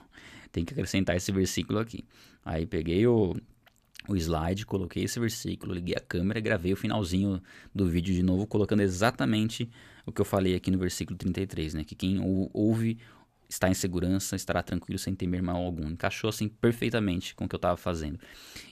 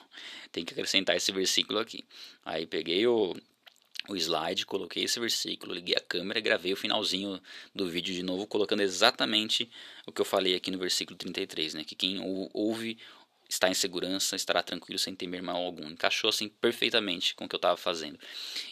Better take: first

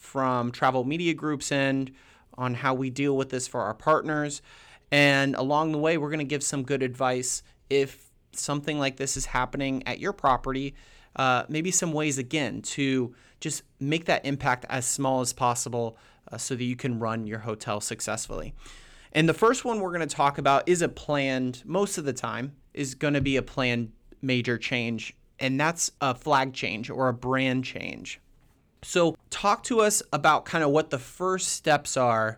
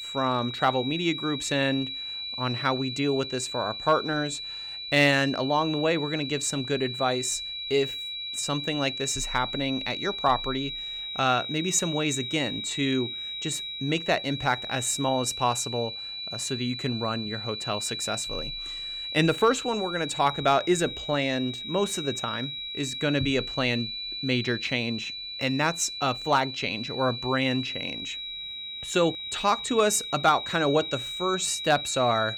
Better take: first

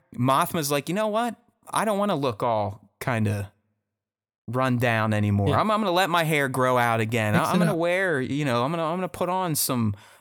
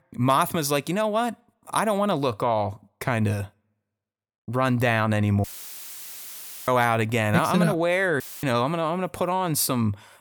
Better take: first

